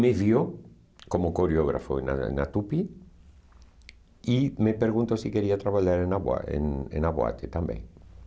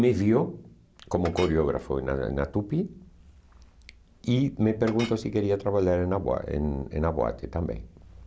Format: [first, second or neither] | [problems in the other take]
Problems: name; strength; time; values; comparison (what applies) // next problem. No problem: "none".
first | background sound (Chink, clink); 18 dB below the speech